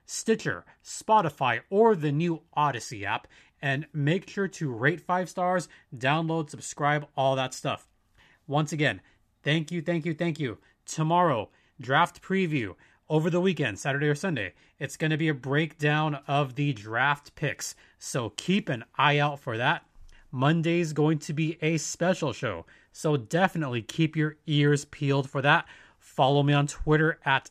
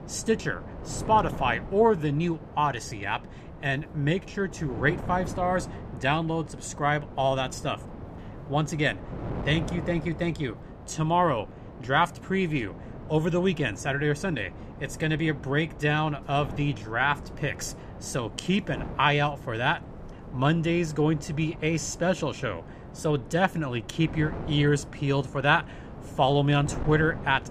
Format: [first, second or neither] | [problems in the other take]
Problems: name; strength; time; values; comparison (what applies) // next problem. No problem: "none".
first | wind noise on the microphone; occasional gusts; 15 dB below the speech